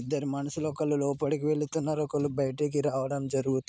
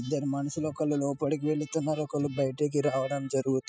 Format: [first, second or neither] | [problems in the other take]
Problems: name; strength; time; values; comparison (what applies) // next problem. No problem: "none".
first | noise reduction (classical method spectral subtraction)